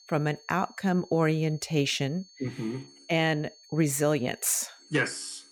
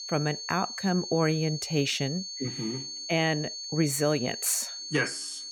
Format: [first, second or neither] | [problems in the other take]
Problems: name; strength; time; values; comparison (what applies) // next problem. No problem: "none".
first | high-pitched whine; loud; throughout; 4.5 kHz, 7 dB below the speech; faint in the first